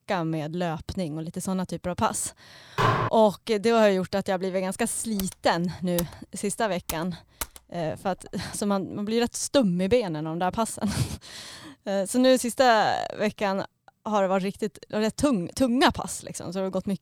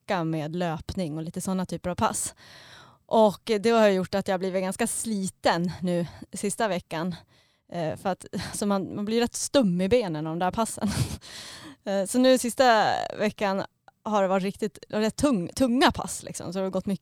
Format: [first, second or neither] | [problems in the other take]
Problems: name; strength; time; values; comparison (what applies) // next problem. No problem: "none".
second | clattering dishes; loud; at 3 s; peak 2 dB above the speech // keyboard typing; noticeable; from 5 to 7.5 s; peak 10 dB below the speech